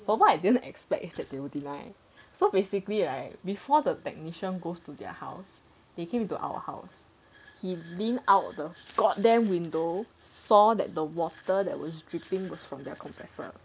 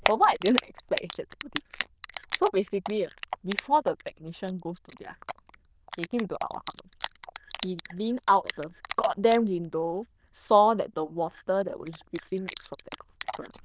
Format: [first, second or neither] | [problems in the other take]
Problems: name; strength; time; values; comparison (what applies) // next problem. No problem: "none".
first | noise reduction (neural diffusion model UNIVERSE++)